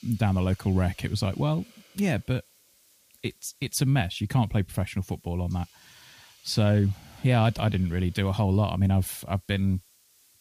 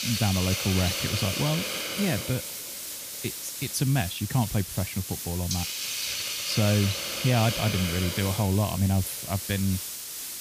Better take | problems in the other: first | hiss; loud; throughout; 3 dB below the speech; faint in the first

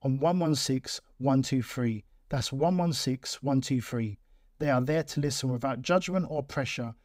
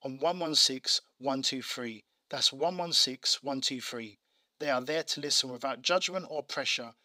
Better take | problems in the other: first | thin; somewhat; fading below 350 Hz

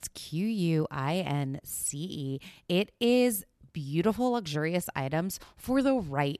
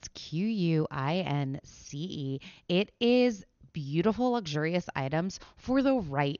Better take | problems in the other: first | garbled, watery; slightly; nothing above 6.5 kHz

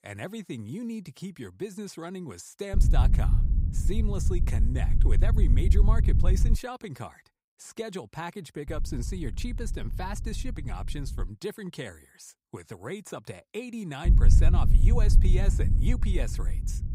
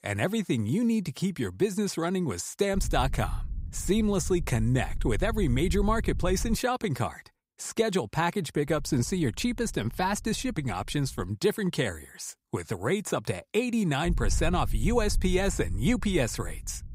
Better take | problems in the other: second | low rumble; loud; from 2.5 to 6.5 s, from 8.5 to 11 s and from 14 s on; 5 dB below the speech; faint in the second

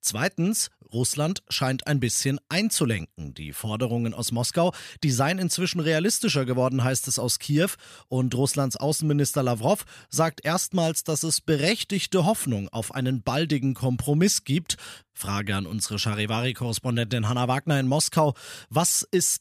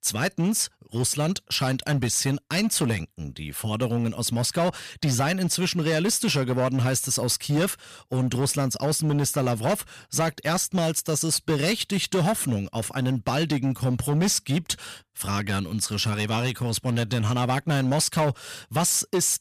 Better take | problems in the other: first | distortion; slight; 10% of the sound clipped

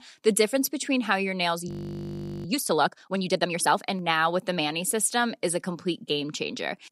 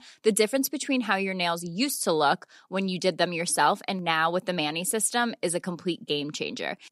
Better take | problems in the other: second | audio freezing; at 1.5 s for 1 s

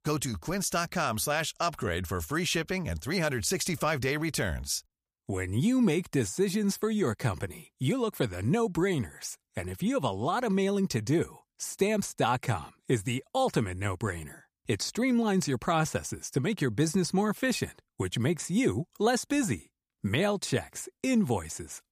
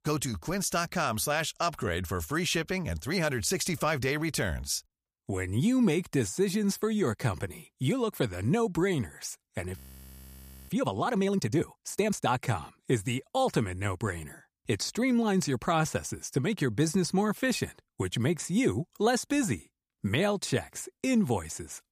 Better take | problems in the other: first | audio freezing; at 10 s for 1 s

